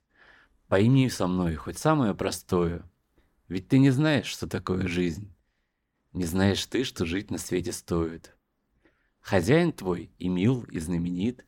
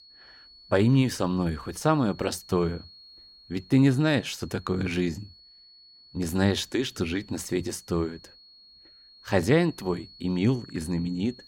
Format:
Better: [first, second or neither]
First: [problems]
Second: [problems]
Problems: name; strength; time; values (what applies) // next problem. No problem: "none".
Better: first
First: none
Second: high-pitched whine; faint; throughout; 4.5 kHz, 25 dB below the speech